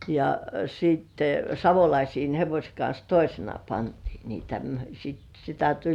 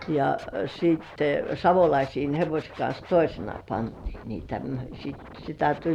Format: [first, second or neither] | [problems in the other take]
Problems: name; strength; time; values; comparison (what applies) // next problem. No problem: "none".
first | background sound (Scratching (performance technique)); 19 dB below the speech